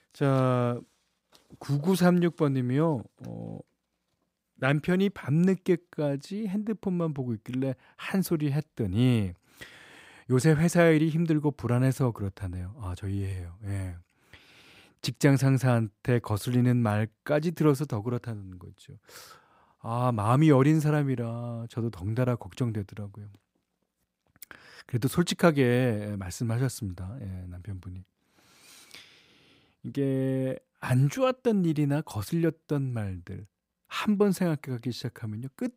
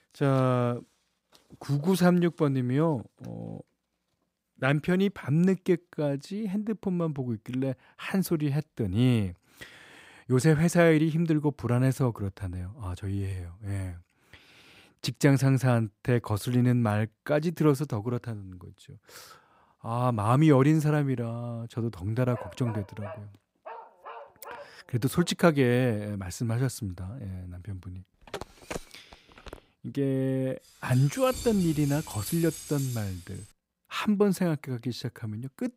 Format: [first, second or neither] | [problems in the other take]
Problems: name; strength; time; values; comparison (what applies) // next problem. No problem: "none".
first | dog barking; faint; from 22 to 25 s; peak 15 dB below the speech // phone ringing; faint; from 28 to 30 s; peak 10 dB below the speech // jangling keys; noticeable; from 31 to 33 s; peak 10 dB below the speech